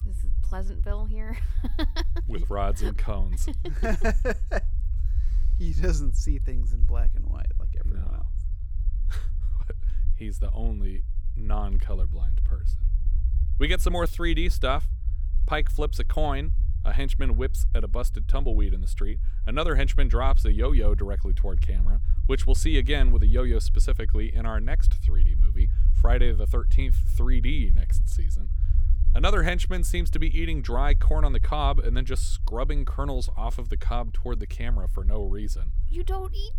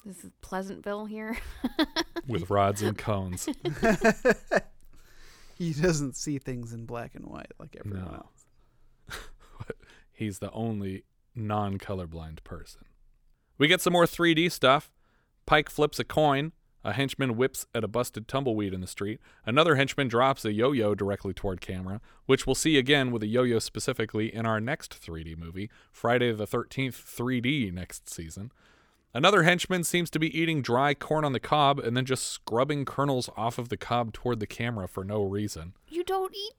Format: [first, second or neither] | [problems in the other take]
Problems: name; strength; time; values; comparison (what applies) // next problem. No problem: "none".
second | low rumble; noticeable; throughout; 20 dB below the speech